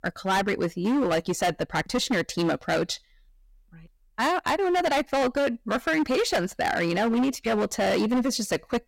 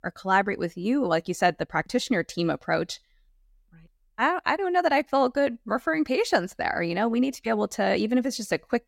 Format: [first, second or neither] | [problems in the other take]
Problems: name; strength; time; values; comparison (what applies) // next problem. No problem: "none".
second | distortion; heavy; 18% of the sound clipped